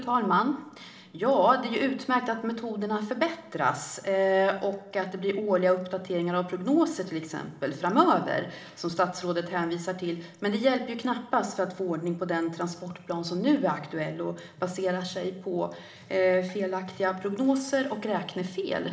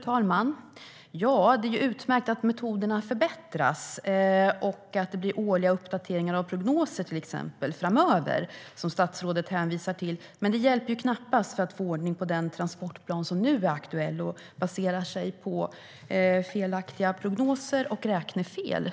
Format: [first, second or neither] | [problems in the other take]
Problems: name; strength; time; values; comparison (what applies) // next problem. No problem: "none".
second | room echo; dies away in 1.2 s